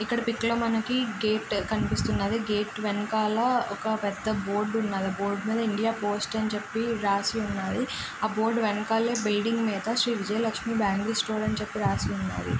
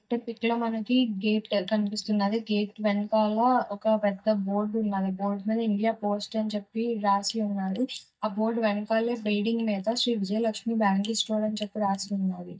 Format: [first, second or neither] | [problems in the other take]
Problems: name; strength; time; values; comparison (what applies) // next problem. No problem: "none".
first | noise reduction (neural mask model DeepFilterNet 3)